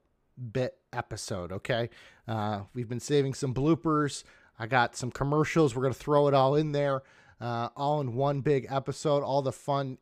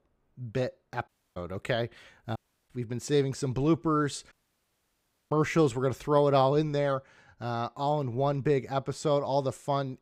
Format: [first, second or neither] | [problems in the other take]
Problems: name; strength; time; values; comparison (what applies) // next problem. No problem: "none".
first | audio cutting out; at 1 s, at 2.5 s and at 4.5 s for 1 s